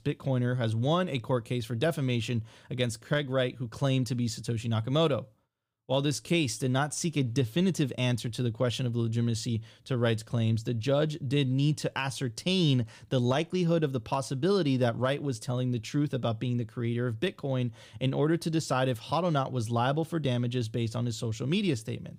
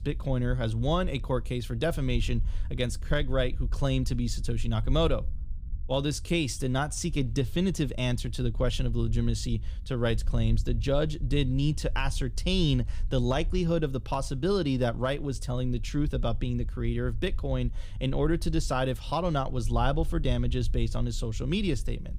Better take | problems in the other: first | low rumble; faint; throughout; 25 dB below the speech

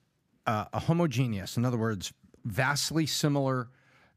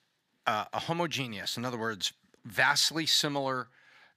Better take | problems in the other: first | thin; somewhat; fading below 1 kHz

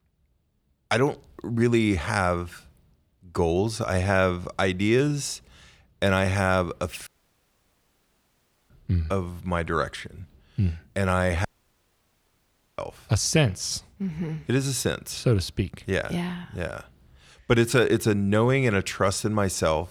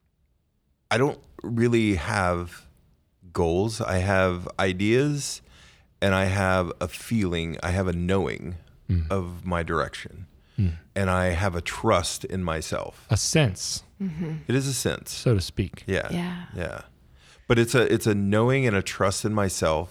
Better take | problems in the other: second | audio cutting out; at 7 s for 1.5 s and at 11 s for 1.5 s

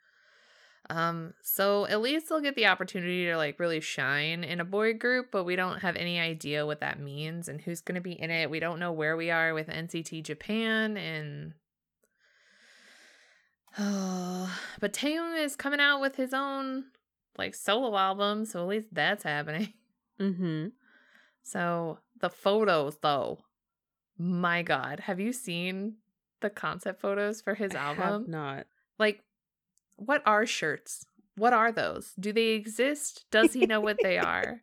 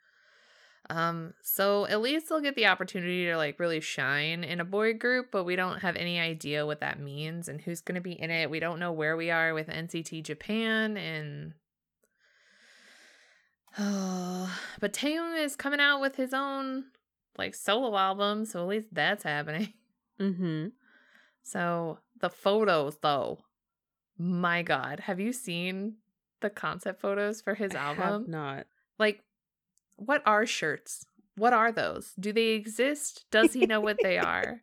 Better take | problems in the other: neither | none

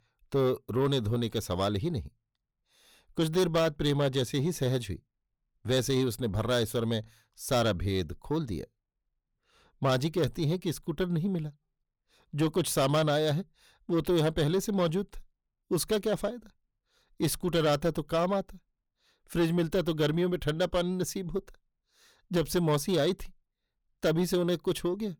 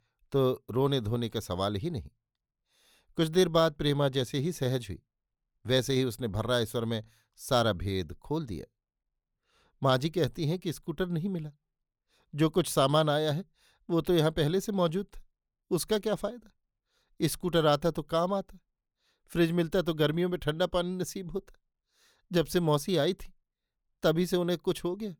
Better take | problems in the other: second | distortion; slight; 10 dB below the speech

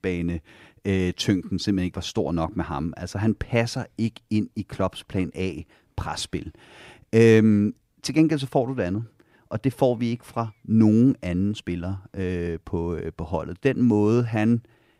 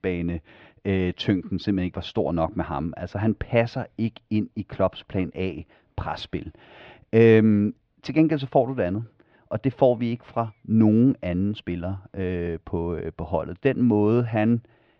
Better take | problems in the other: first | muffled; slightly; fading above 4 kHz

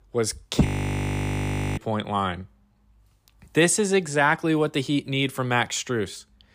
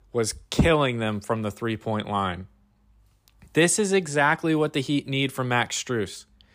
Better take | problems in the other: second | audio freezing; at 0.5 s for 1 s

